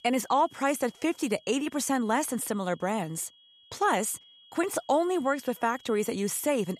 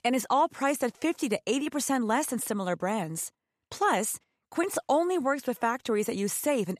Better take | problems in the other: second | high-pitched whine; faint; throughout; 3.5 kHz, 25 dB below the speech

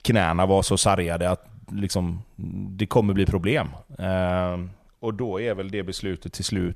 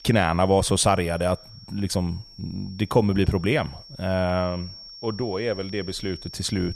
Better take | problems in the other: first | high-pitched whine; noticeable; throughout; 5.5 kHz, 15 dB below the speech

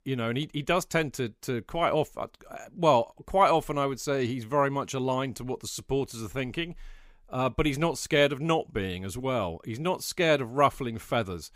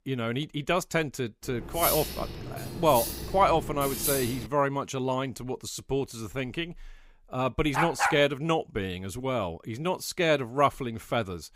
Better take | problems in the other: first | clattering dishes; loud; from 1.5 to 4.5 s; peak 1 dB above the speech // dog barking; loud; at 7.5 s; peak 2 dB above the speech

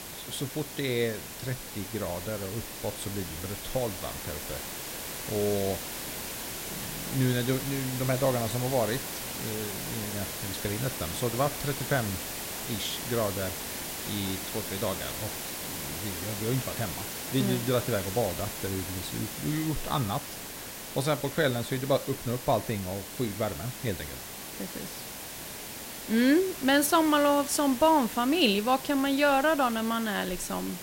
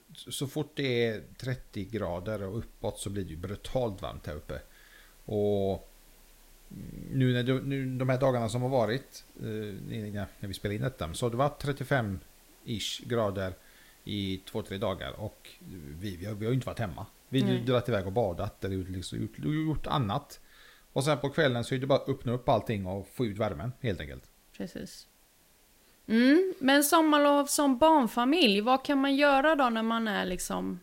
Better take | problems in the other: second | hiss; loud; throughout; 6 dB below the speech; faint in the second

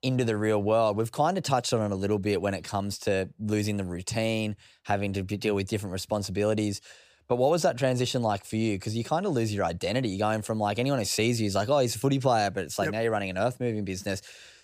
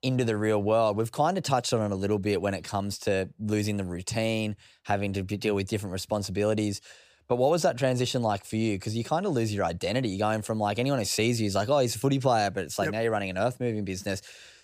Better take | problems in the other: neither | none

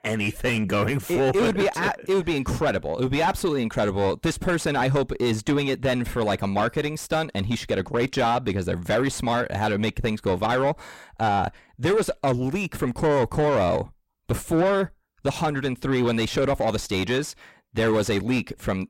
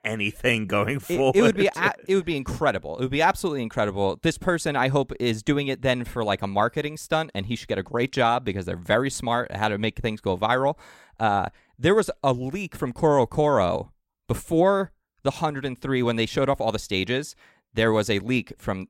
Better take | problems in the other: second | distortion; heavy; 7 dB below the speech

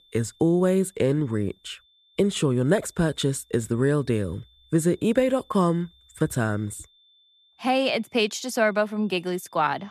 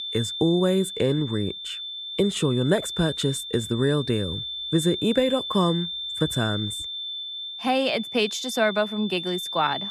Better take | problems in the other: first | high-pitched whine; loud; throughout; 3.5 kHz, 6 dB below the speech; faint in the first

